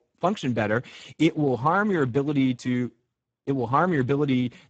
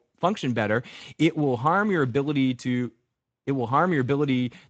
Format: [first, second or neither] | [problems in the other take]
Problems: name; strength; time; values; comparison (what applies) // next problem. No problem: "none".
second | garbled, watery; badly; nothing above 7.5 kHz; slightly in the second